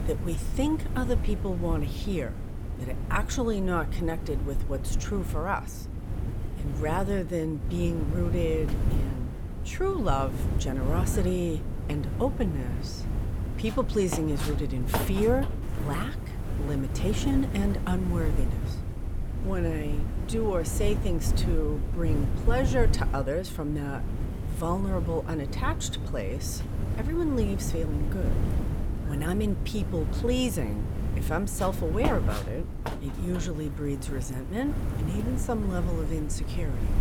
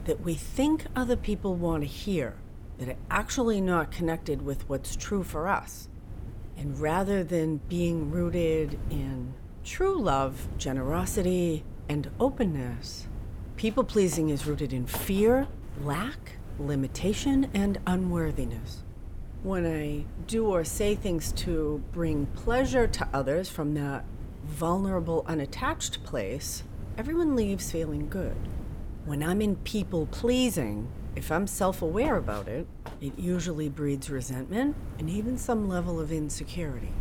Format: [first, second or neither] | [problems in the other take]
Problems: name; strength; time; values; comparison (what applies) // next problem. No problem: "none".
second | wind noise on the microphone; heavy; 8 dB below the speech; occasional gusts in the second